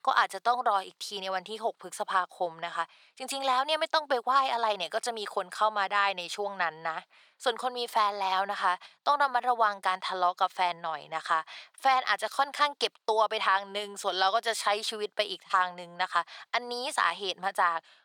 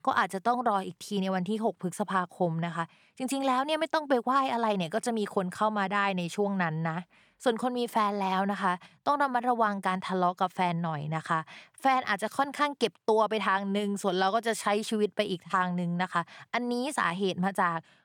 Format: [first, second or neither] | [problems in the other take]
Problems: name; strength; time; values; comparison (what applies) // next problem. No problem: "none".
second | thin; very; fading below 650 Hz